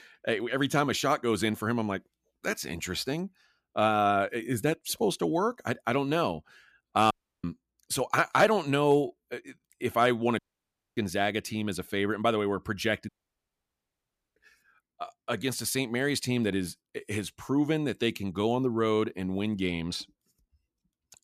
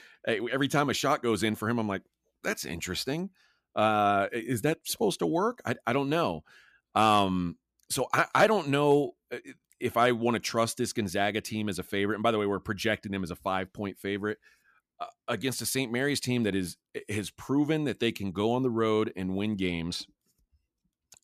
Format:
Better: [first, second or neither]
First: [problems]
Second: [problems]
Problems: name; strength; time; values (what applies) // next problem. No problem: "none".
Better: second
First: audio cutting out; at 7 s, at 10 s for 0.5 s and at 13 s for 1.5 s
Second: none